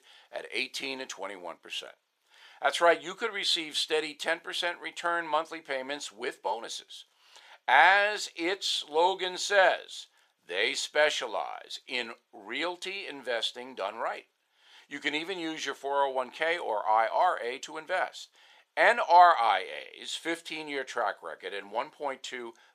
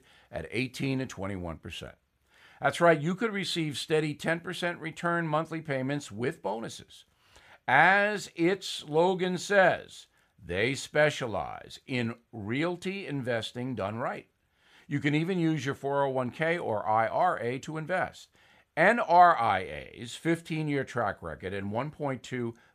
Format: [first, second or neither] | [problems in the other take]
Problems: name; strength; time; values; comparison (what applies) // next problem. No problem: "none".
second | thin; very; fading below 400 Hz